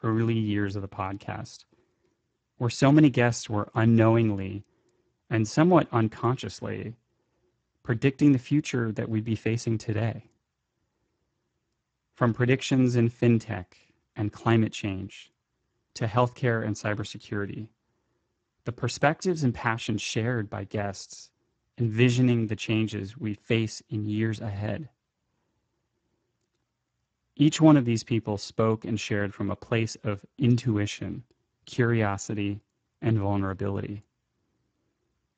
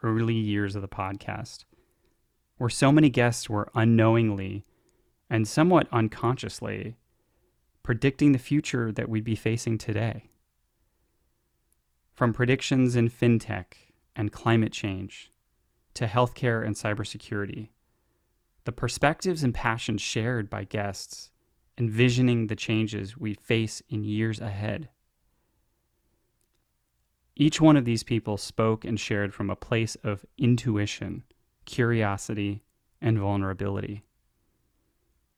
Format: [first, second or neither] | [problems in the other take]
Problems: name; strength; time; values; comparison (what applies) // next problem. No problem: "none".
second | garbled, watery; badly; nothing above 7.5 kHz